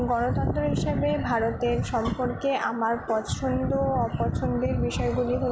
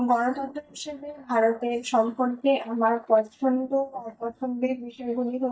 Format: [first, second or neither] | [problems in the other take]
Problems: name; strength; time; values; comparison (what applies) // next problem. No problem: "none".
first | noise reduction (neural mask model DeepFilterNet 3)